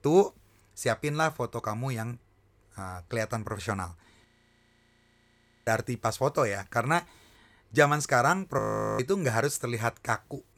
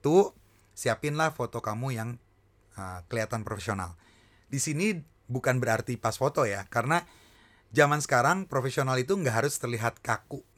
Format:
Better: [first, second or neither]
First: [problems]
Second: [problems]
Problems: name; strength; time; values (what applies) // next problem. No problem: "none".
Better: second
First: audio freezing; at 4.5 s for 1.5 s and at 8.5 s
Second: none